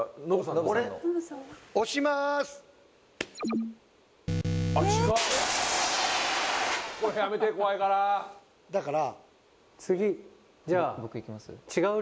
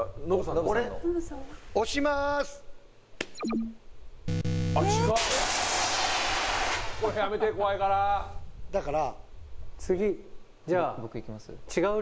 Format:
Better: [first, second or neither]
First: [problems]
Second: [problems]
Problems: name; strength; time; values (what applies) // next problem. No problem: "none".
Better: first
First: none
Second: background sound (Walk, footsteps); 9 dB below the speech